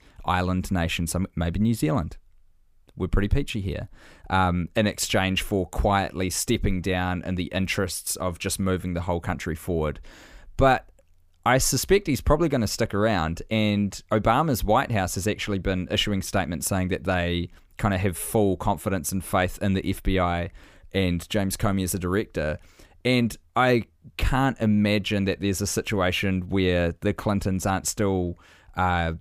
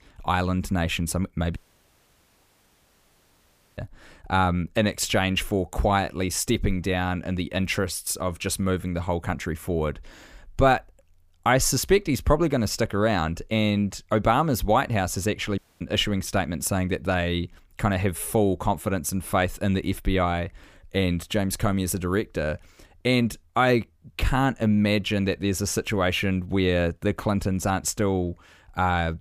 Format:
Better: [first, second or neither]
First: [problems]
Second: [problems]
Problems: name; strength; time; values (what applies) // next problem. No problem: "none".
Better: first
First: none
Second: audio cutting out; at 1.5 s for 2 s and at 16 s